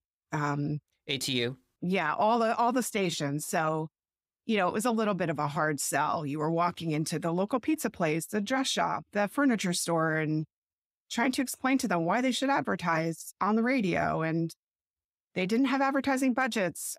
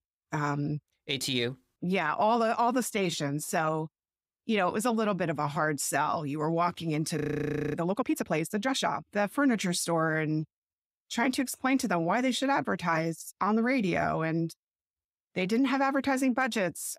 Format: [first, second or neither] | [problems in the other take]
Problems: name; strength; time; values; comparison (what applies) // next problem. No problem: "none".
first | audio freezing; at 7 s for 0.5 s